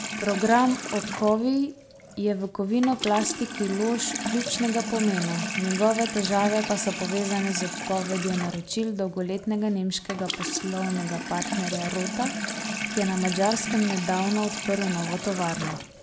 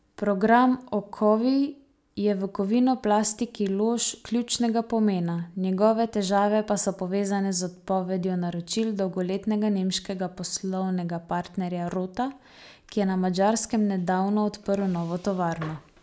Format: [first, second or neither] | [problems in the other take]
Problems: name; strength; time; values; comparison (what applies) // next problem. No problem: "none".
second | background sound (Sink (filling or washing) / Water tap, faucet); 6 dB below the speech